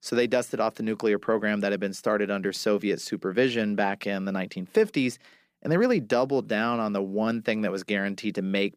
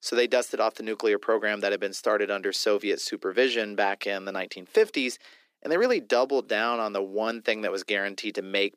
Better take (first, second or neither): first